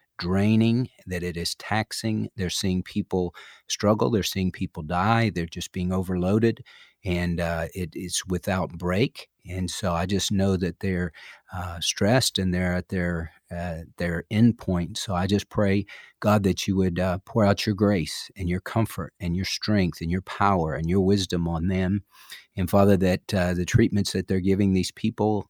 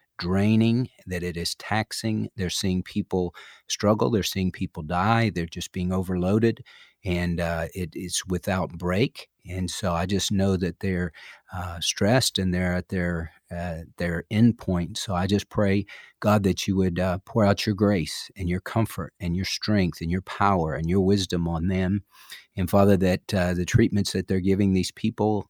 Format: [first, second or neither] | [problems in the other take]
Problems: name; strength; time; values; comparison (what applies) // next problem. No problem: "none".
neither | none